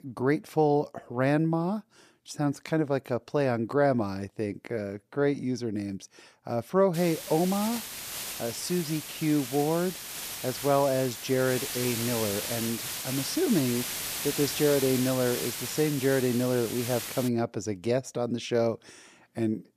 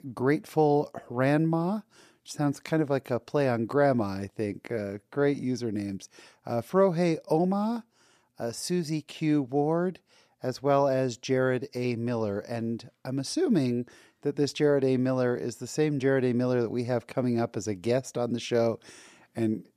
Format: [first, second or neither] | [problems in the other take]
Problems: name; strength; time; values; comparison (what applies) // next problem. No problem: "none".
second | hiss; loud; from 7 to 17 s; 5 dB below the speech